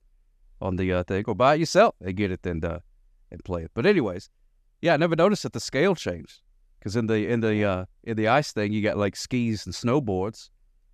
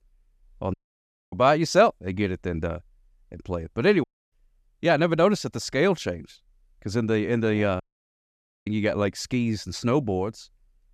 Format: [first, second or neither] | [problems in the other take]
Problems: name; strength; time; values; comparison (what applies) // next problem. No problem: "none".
first | audio cutting out; at 0.5 s for 0.5 s, at 4 s and at 8 s for 1 s